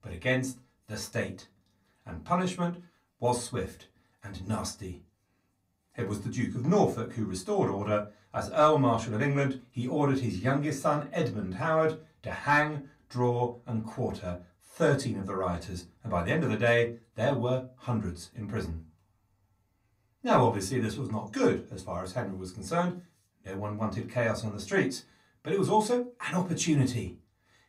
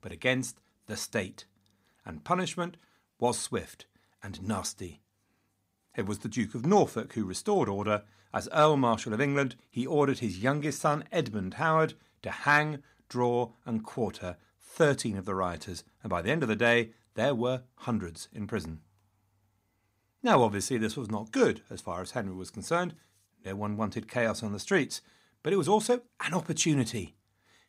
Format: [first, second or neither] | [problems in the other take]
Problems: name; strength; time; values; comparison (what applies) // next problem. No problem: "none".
second | off-mic speech; far // room echo; very slight; dies away in 0.2 s